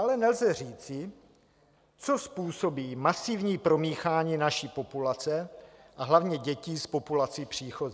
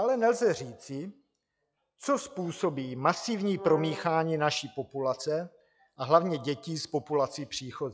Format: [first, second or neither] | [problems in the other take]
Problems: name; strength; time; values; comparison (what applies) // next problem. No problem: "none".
first | noise reduction (classical method log-MMSE)